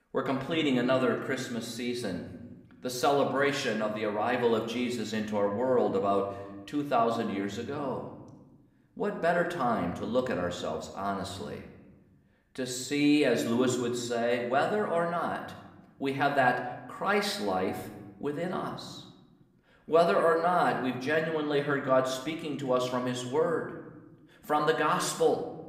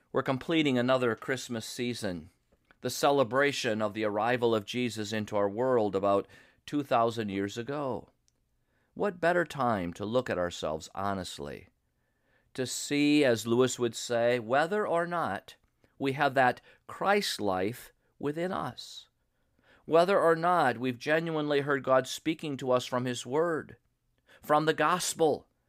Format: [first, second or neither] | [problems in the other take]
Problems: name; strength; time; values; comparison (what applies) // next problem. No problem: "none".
second | room echo; slight; dies away in 0.9 s // off-mic speech; somewhat distant